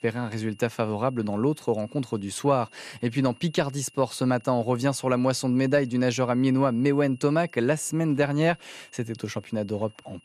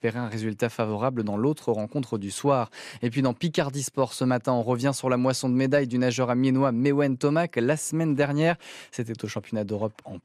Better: second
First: high-pitched whine; faint; throughout; 3 kHz, 30 dB below the speech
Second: none

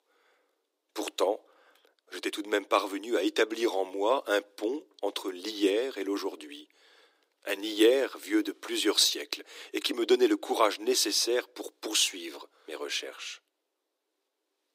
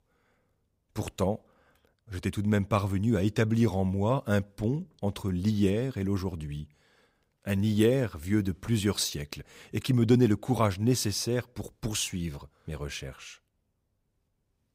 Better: second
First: thin; very; fading below 300 Hz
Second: none

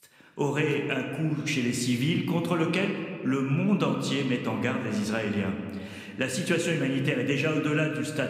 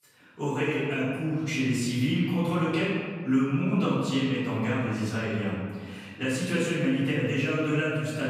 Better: first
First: room echo; slight; dies away in 1.7 s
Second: room echo; strong; dies away in 1.6 s // off-mic speech; far

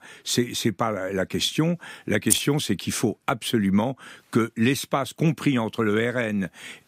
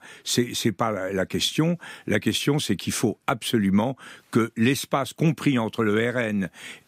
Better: second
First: jangling keys; loud; at 2.5 s; peak 1 dB above the speech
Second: none

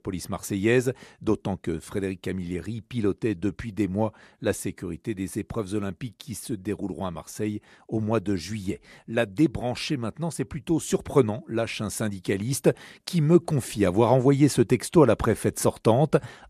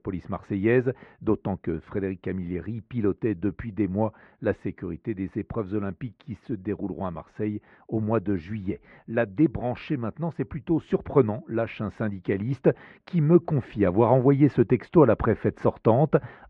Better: first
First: none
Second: muffled; very; fading above 2 kHz

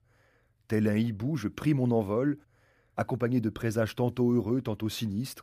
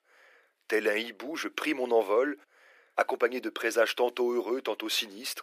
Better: first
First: none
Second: thin; very; fading below 350 Hz

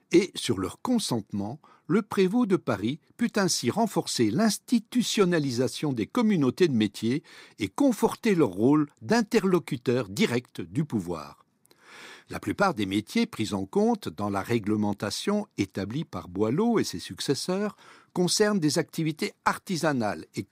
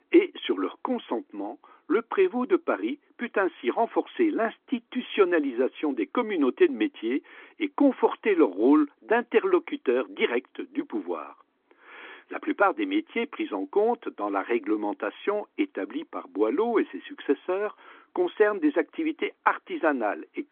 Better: first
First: none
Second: phone-call audio; nothing above 3.5 kHz

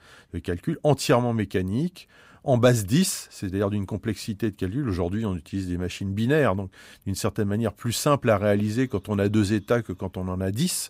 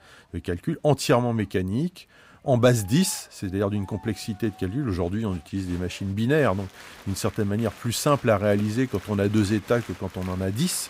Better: first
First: none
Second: crowd noise; faint; throughout; 20 dB below the speech

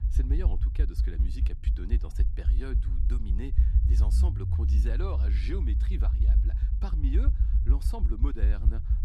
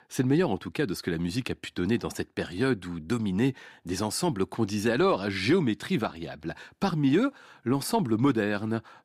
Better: second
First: low rumble; loud; throughout; 3 dB below the speech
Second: none

